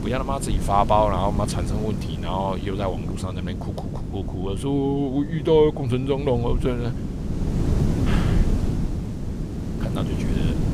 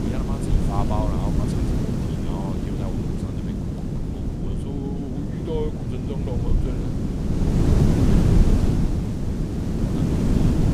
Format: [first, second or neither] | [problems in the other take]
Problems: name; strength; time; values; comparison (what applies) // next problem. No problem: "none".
first | wind noise on the microphone; heavy; 4 dB above the speech; occasional gusts in the first